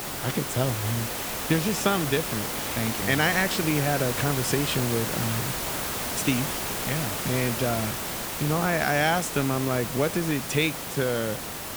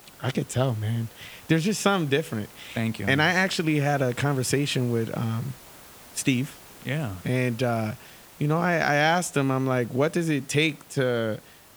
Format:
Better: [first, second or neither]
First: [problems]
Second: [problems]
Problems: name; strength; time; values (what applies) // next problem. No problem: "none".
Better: second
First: hiss; loud; throughout; 2 dB below the speech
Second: hiss; faint; throughout; 20 dB below the speech